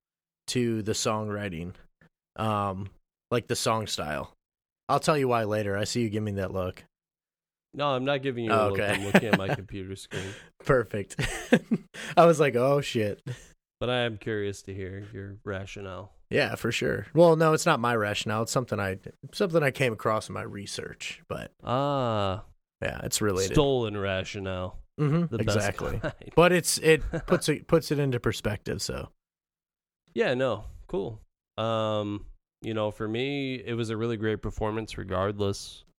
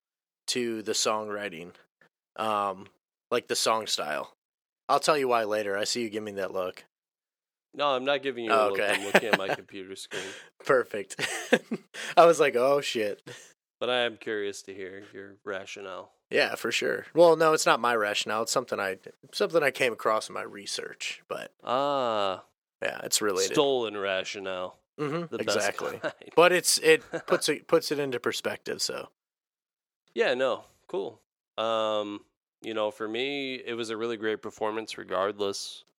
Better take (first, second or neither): first